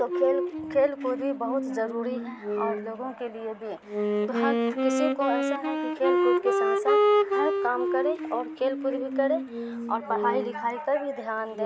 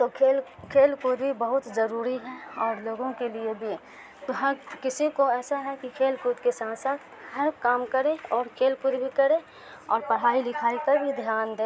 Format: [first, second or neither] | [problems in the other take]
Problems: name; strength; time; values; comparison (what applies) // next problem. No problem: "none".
second | background sound (Wind instrument, woodwind instrument); 2 dB above the speech